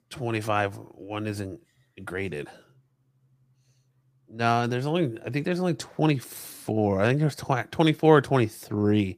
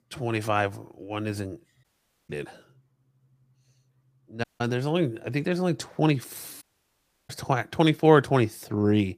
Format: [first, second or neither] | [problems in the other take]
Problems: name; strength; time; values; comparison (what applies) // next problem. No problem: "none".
first | audio cutting out; at 2 s, at 4.5 s and at 6.5 s for 0.5 s